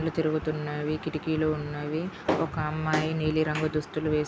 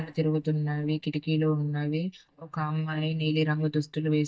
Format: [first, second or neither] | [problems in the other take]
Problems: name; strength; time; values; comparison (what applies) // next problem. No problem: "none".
first | noise reduction (neural mask model DeepFilterNet 3)